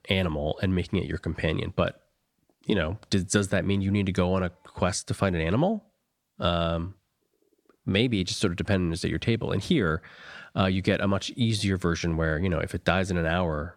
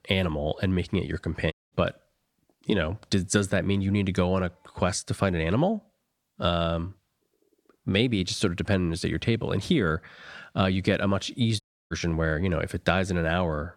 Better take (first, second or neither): first